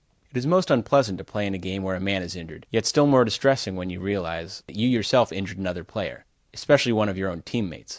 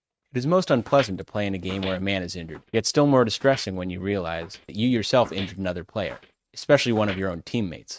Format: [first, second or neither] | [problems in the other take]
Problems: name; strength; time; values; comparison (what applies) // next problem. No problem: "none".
first | noise reduction (neural mask model RNNoise)